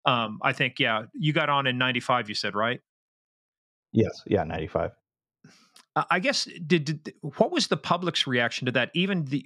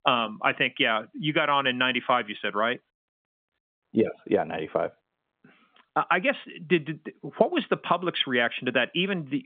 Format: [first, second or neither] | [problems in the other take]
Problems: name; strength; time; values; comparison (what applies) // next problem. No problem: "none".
first | phone-call audio; nothing above 3.5 kHz